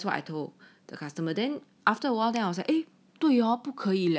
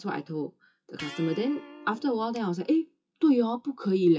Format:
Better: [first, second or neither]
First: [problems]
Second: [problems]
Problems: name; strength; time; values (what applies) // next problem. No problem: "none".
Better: first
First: none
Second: noise reduction (classical method WPE with log-MMSE)